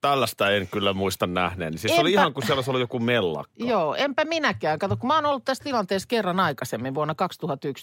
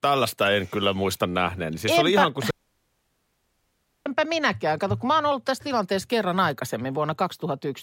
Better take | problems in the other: first | audio cutting out; at 2.5 s for 1.5 s

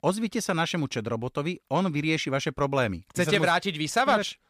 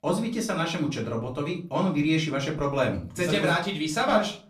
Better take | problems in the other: first | off-mic speech; far // room echo; very slight; dies away in 0.3 s

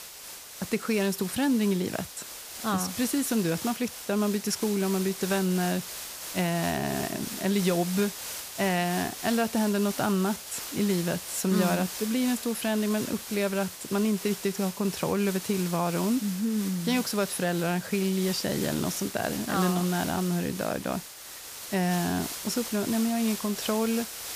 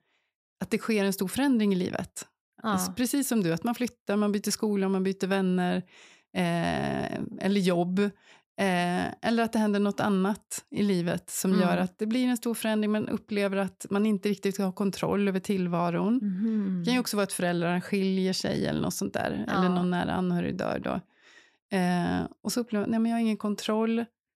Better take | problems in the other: second | hiss; loud; throughout; 8 dB below the speech

